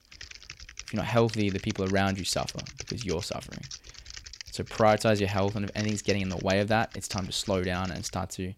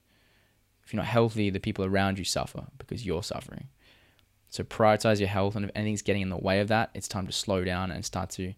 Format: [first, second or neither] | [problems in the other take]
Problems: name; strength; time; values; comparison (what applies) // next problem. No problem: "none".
second | keyboard typing; noticeable; peak 9 dB below the speech